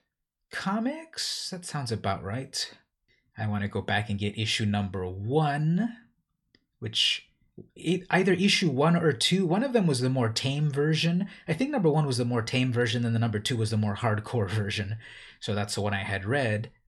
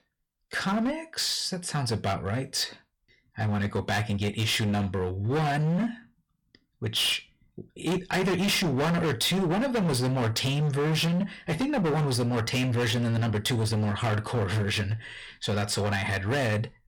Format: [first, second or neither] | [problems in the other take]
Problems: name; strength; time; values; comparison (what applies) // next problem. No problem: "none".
first | distortion; heavy; 24% of the sound clipped